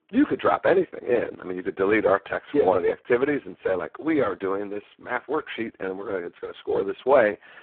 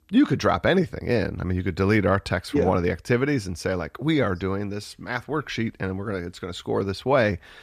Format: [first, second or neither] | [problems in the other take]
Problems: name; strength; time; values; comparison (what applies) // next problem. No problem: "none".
second | phone-call audio; poor line; nothing above 3.5 kHz